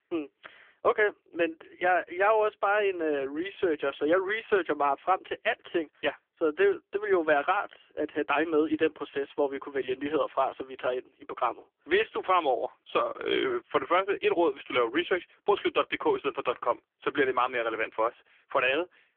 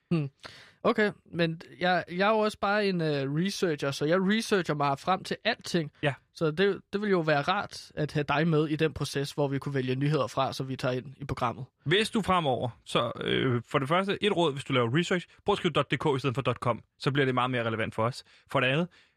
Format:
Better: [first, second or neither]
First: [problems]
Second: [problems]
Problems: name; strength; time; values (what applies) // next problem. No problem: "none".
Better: second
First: phone-call audio; poor line; nothing above 3.5 kHz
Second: none